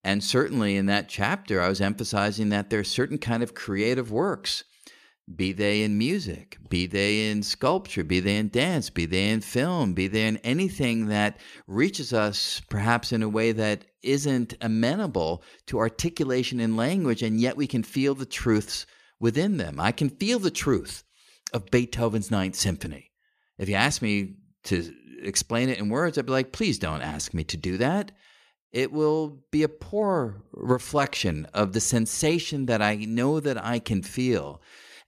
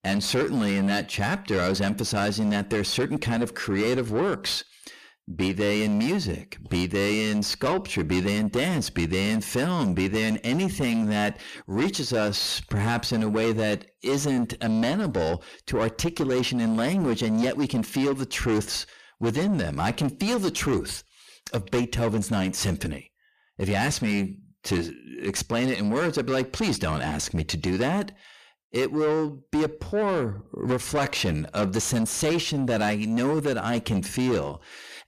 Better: first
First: none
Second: distortion; heavy; 7 dB below the speech

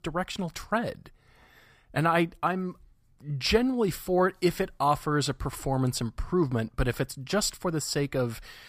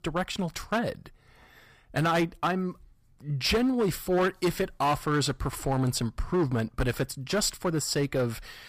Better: first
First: none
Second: distortion; slight; 7% of the sound clipped

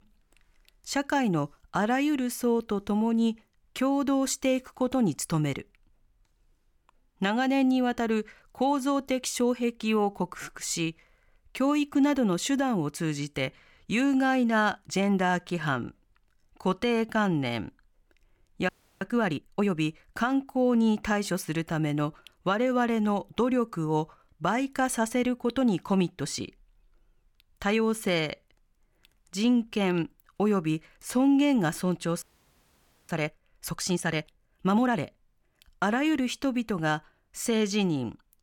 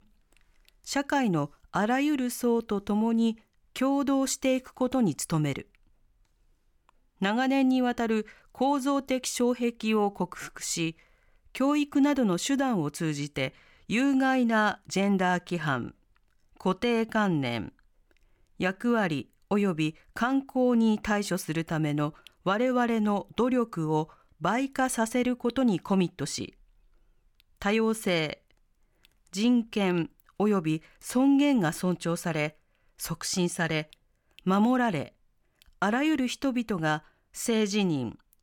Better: second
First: audio freezing; at 19 s and at 32 s for 1 s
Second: none

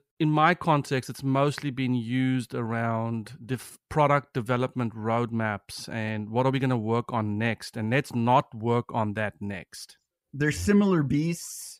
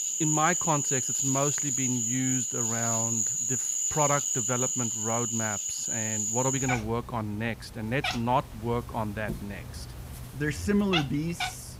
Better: first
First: none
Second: animal sounds; very loud; throughout; 3 dB above the speech

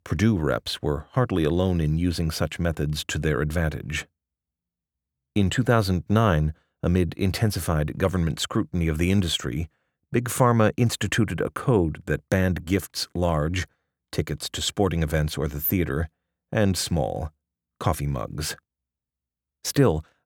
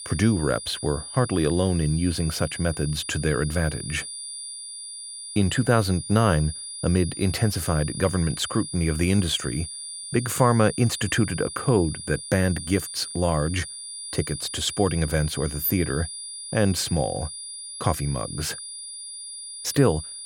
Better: first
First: none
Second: high-pitched whine; loud; throughout; 9.5 kHz, 9 dB below the speech

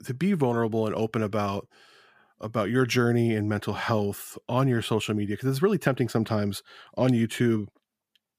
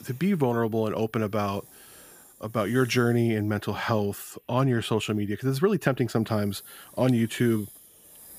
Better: first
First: none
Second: hiss; faint; throughout; 25 dB below the speech

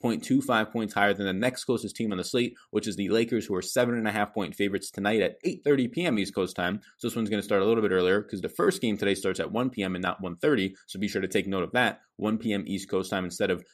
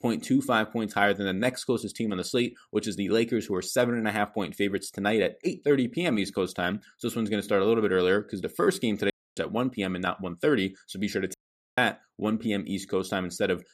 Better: first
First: none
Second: audio cutting out; at 9 s and at 11 s

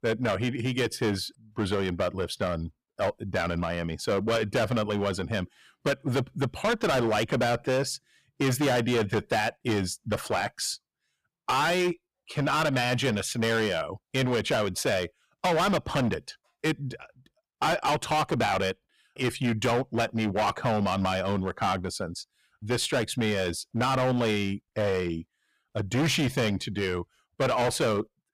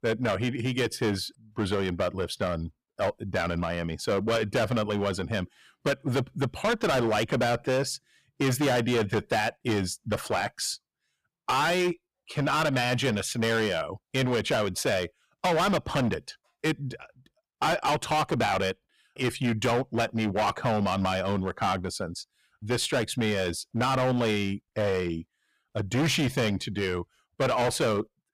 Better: neither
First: distortion; heavy; 14% of the sound clipped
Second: distortion; heavy; 14% of the sound clipped

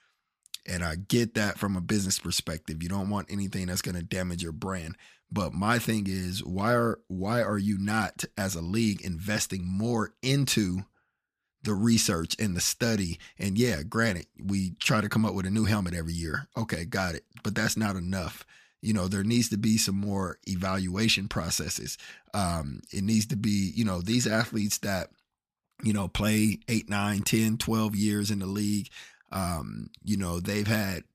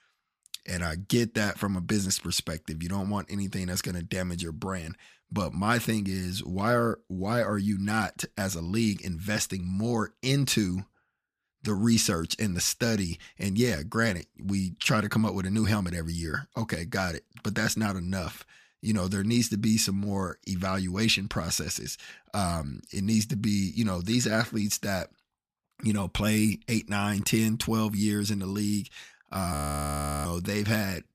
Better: first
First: none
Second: audio freezing; at 30 s for 0.5 s

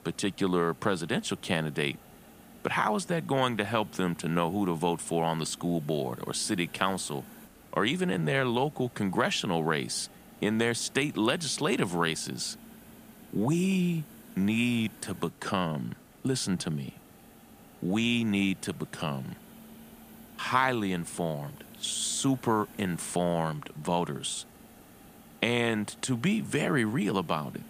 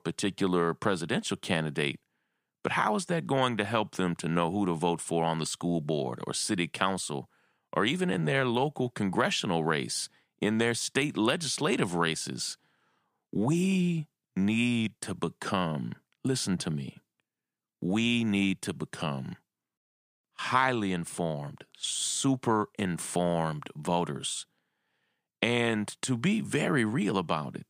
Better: second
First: hiss; faint; throughout; 20 dB below the speech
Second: none

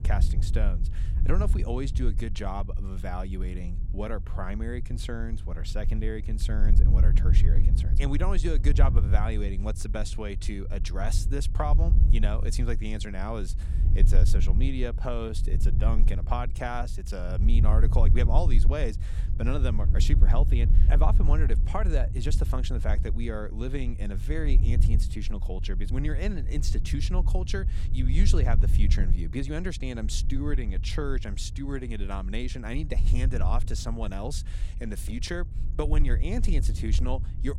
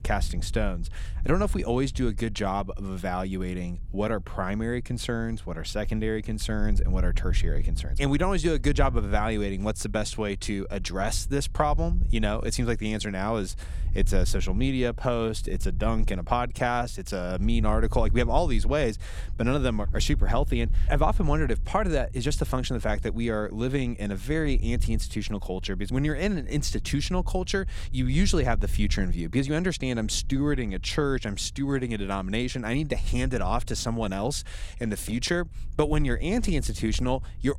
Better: second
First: low rumble; loud; throughout; 10 dB below the speech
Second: low rumble; faint; throughout; 25 dB below the speech

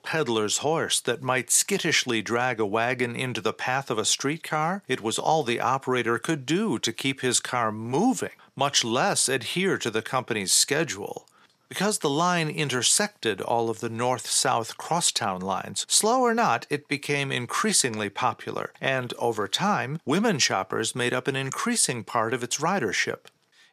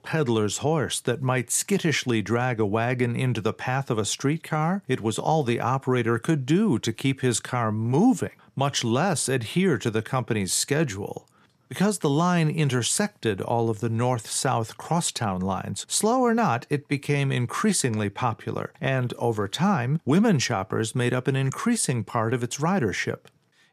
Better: second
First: thin; somewhat; fading below 500 Hz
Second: none

